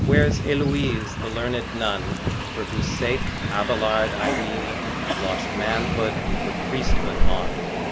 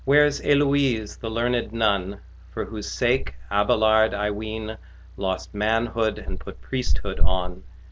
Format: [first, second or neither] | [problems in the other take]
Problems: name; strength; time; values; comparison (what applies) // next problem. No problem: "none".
second | background sound (Train); 2 dB below the speech